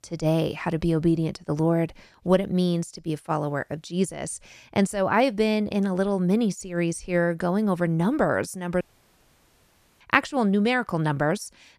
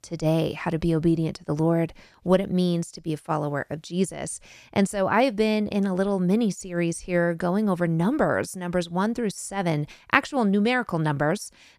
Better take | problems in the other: second | audio cutting out; at 9 s for 1 s

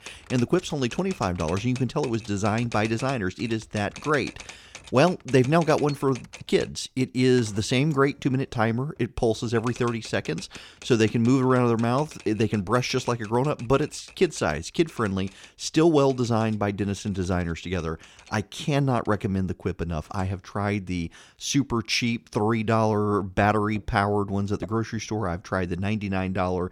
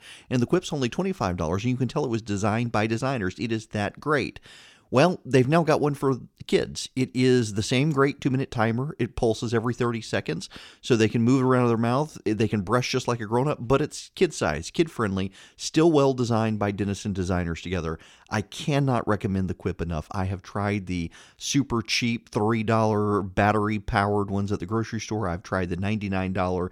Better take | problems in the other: second | household noises; noticeable; throughout; 20 dB below the speech

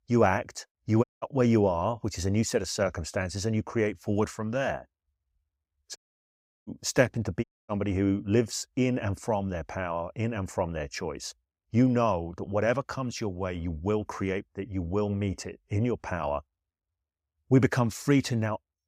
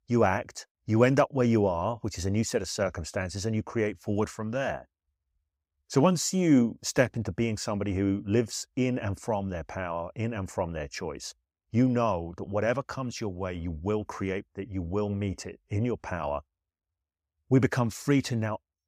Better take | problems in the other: second | audio cutting out; at 1 s, at 6 s for 0.5 s and at 7.5 s

